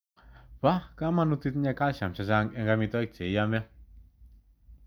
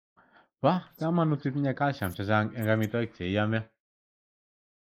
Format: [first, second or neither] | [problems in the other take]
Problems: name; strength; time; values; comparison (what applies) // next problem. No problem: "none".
first | noise reduction (neural mask model Resemble Enhance denoiser)